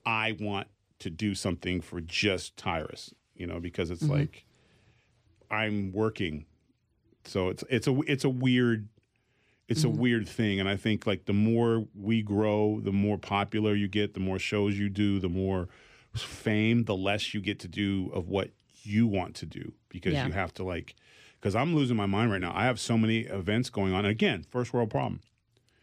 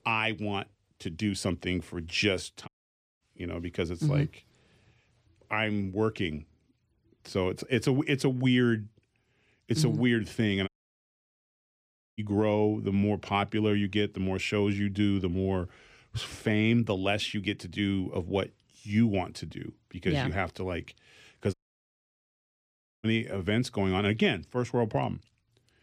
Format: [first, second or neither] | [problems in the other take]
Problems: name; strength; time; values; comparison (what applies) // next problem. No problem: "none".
first | audio cutting out; at 2.5 s for 0.5 s, at 11 s for 1.5 s and at 22 s for 1.5 s